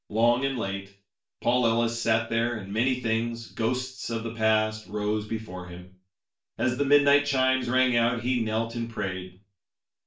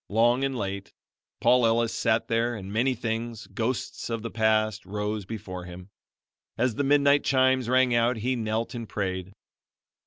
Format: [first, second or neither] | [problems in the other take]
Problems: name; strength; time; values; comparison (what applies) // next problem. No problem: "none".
second | room echo; dies away in 0.3 s